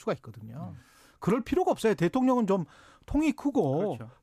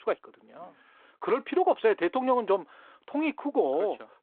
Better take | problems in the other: first | phone-call audio

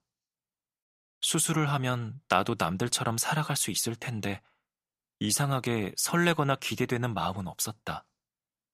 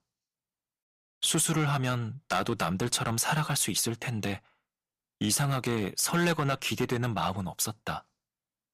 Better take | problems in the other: first | distortion; slight; 3% of the sound clipped

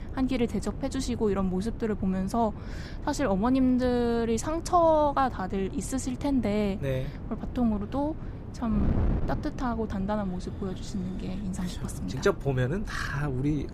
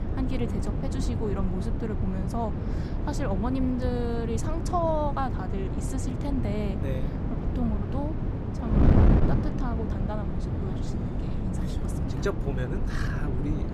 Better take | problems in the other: first | wind noise on the microphone; heavy; 3 dB below the speech; occasional gusts in the first

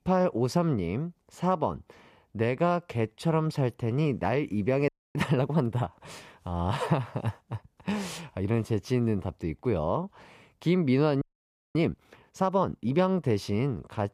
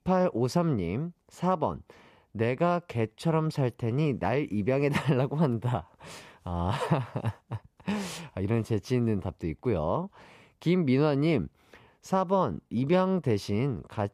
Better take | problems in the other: second | audio freezing; at 5 s and at 11 s for 0.5 s

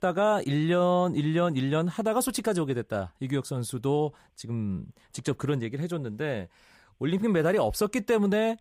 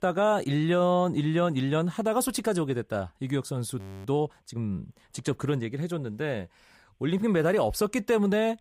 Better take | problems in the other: first | audio freezing; at 4 s

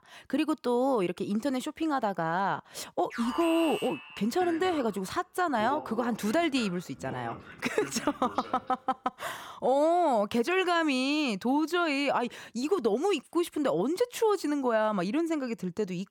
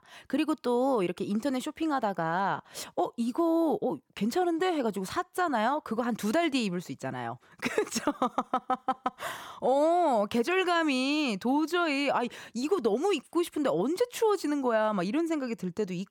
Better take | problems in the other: second | alarm; noticeable; from 3 to 8.5 s; peak 7 dB below the speech

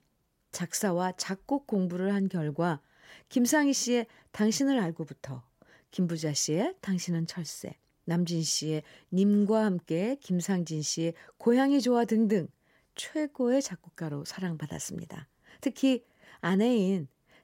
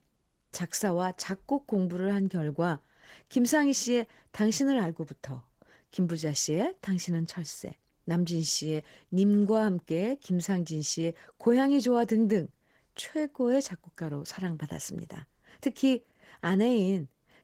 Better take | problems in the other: first | garbled, watery; slightly; nothing above 16 kHz

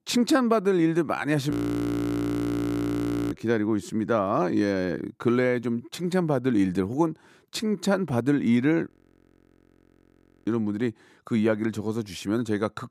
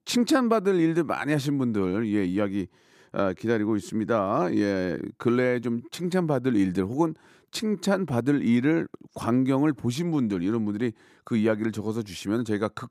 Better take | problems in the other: second | audio freezing; at 1.5 s for 2 s and at 9 s for 1.5 s

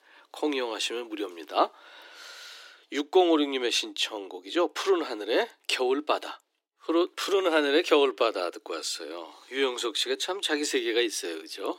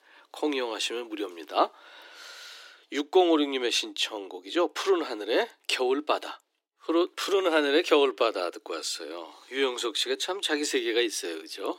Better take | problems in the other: neither | thin; very; fading below 300 Hz; the same in both

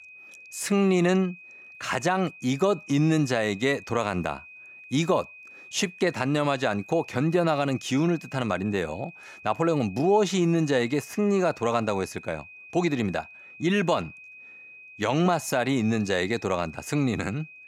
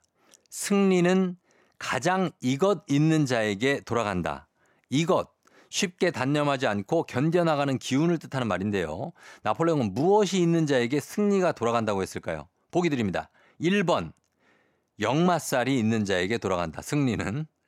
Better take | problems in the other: second | high-pitched whine; noticeable; throughout; 2.5 kHz, 20 dB below the speech

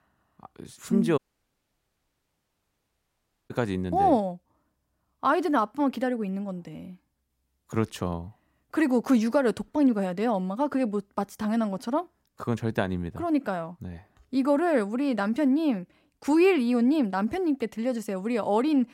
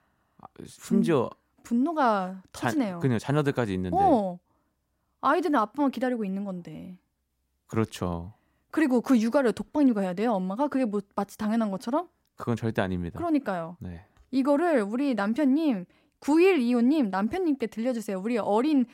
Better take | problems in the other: second | audio cutting out; at 1 s for 2.5 s

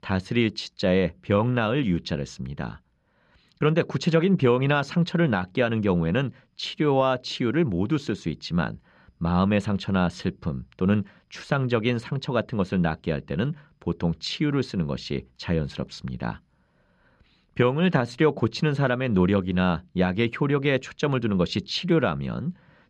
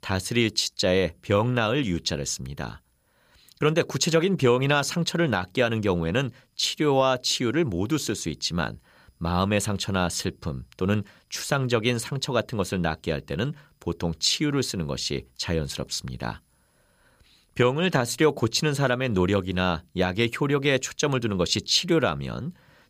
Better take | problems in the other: second | muffled; slightly; fading above 3 kHz

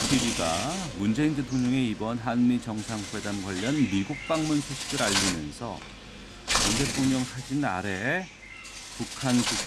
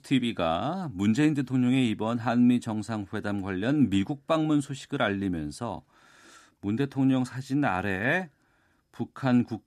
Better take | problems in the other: second | animal sounds; loud; throughout; 2 dB below the speech

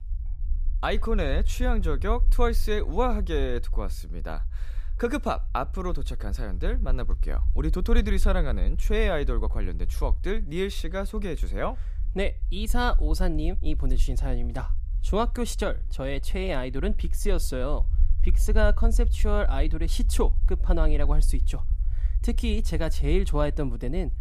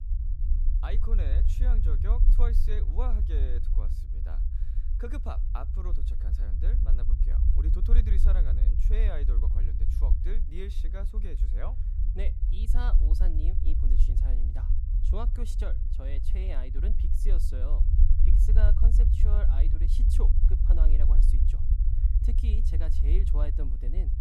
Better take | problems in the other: first | low rumble; loud; throughout; 3 dB below the speech; faint in the first

